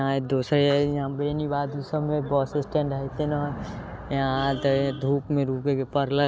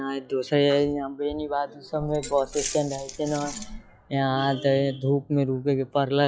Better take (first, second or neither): first